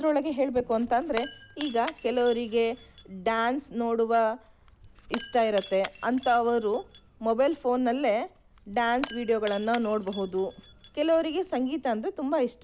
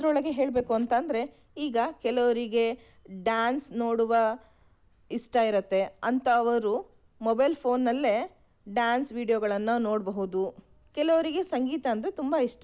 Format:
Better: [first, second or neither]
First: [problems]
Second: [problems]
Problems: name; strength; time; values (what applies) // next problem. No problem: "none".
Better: second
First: background sound (Shatter / Crushing); 18 dB below the speech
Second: none